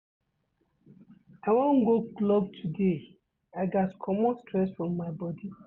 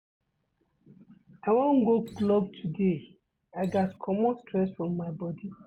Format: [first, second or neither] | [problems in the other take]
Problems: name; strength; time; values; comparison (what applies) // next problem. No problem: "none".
first | background sound (Acoustic guitar); 18 dB below the speech